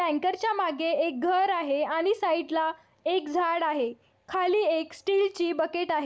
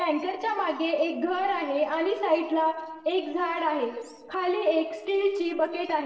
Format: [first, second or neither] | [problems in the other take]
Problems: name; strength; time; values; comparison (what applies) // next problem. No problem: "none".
first | noise reduction (neural separator model SepFormer DNS4)